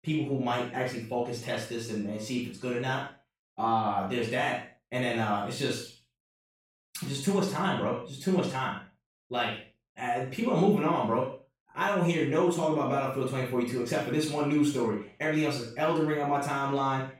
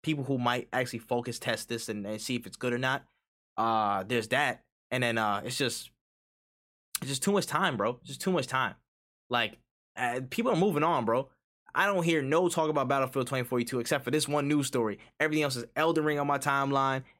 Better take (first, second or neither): second